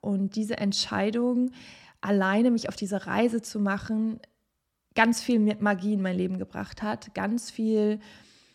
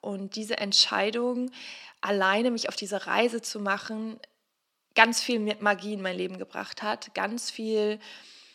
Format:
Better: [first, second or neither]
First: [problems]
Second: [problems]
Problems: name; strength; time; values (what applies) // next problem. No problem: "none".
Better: first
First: none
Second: thin; somewhat; fading below 350 Hz